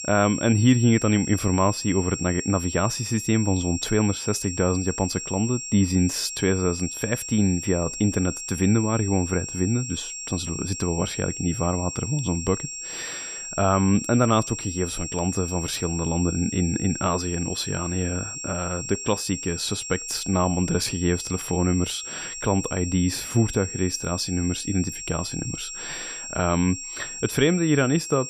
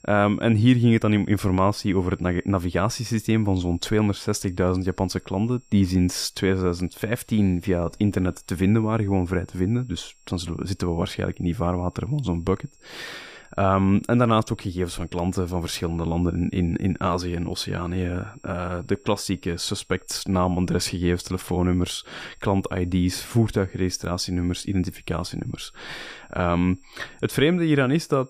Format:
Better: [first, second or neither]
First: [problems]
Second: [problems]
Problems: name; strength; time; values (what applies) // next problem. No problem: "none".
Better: second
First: high-pitched whine; loud; throughout; 7.5 kHz, 7 dB below the speech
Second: high-pitched whine; faint; throughout; 7.5 kHz, 35 dB below the speech